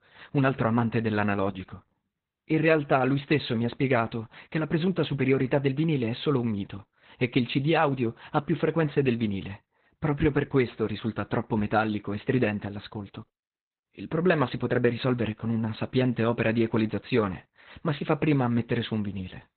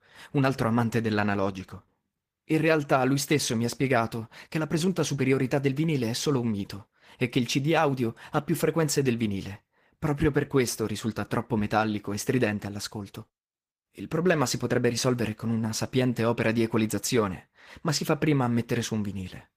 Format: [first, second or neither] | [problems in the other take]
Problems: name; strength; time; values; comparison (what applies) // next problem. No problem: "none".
second | garbled, watery; badly; nothing above 4 kHz; slightly in the second